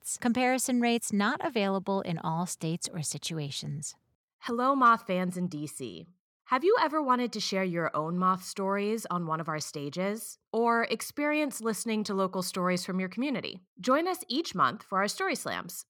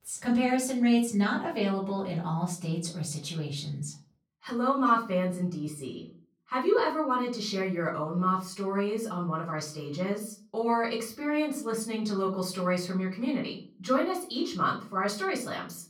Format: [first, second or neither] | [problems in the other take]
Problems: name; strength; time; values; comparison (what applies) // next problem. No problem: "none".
first | off-mic speech; far // room echo; slight; dies away in 0.3 s